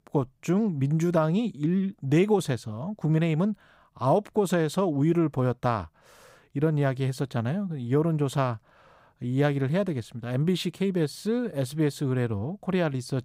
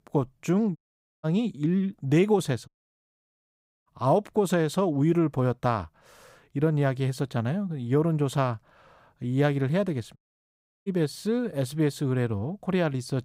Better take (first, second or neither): first